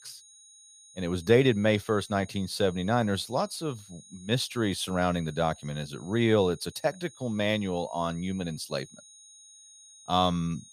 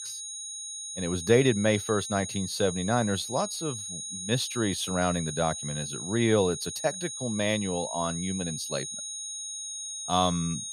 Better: first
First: high-pitched whine; faint; throughout; 6.5 kHz, 20 dB below the speech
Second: high-pitched whine; loud; throughout; 6.5 kHz, 6 dB below the speech

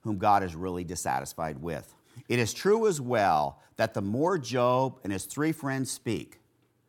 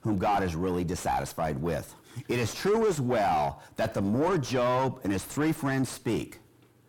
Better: first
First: none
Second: distortion; heavy; 6 dB below the speech

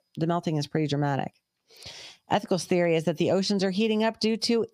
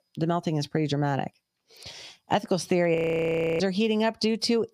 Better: first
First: none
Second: audio freezing; at 3 s for 0.5 s

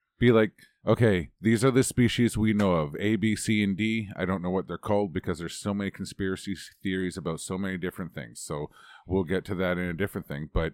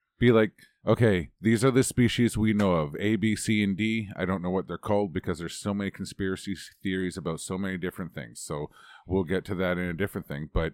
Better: neither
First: none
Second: none

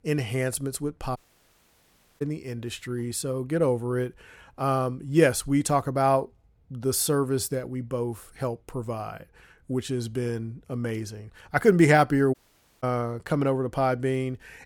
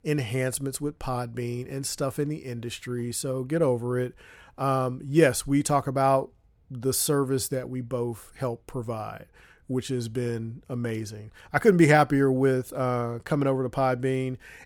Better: second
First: audio cutting out; at 1 s for 1 s and at 12 s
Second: none

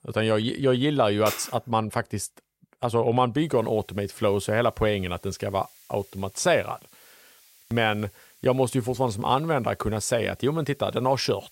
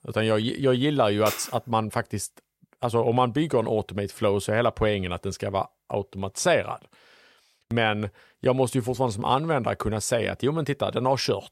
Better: second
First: hiss; faint; from 3.5 s on; 30 dB below the speech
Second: none

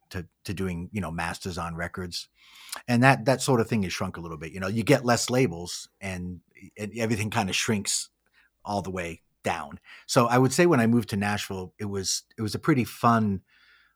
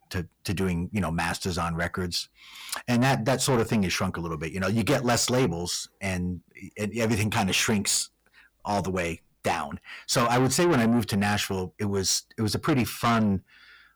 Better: first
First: none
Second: distortion; heavy; 6 dB below the speech

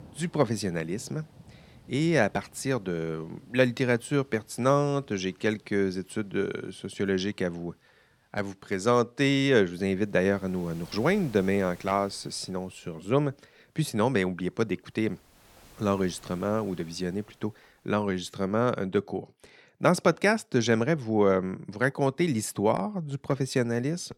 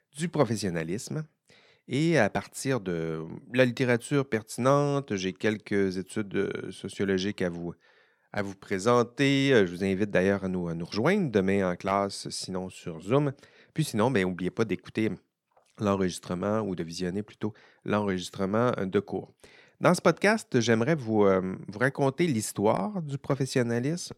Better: second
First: rain or running water; faint; until 19 s; 25 dB below the speech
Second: none

